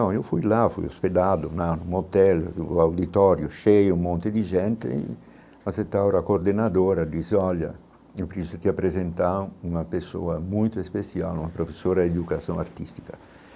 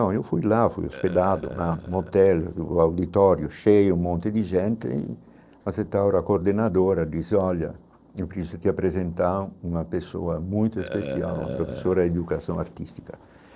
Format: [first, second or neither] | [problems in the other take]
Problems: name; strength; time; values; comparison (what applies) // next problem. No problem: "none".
first | noise reduction (neural separator model SepFormer DNS4)